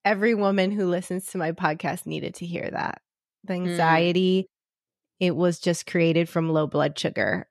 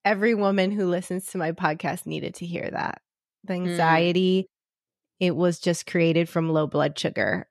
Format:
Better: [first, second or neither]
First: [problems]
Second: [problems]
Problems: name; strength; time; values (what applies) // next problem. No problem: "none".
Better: neither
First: none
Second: none